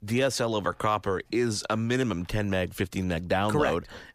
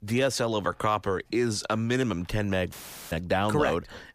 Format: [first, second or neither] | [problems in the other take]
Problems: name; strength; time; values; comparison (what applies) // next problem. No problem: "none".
first | audio cutting out; filled with static; at 2.5 s